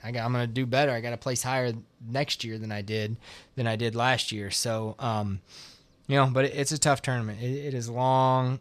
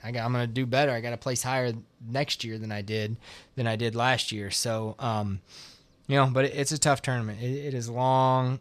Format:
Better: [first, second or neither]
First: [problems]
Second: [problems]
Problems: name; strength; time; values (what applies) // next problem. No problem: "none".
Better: neither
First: none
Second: none